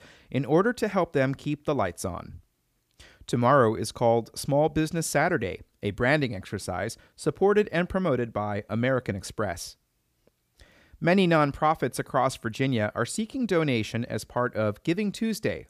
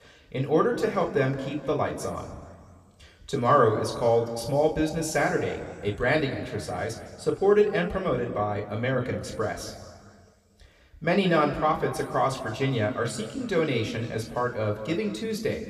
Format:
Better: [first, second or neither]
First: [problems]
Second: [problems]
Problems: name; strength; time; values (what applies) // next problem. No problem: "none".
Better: first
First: none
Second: room echo; slight; dies away in 1.7 s // off-mic speech; somewhat distant